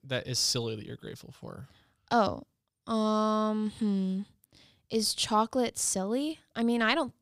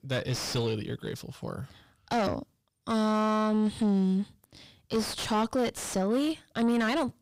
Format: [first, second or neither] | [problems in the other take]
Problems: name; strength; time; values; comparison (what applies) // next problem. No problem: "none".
first | distortion; heavy; 5 dB below the speech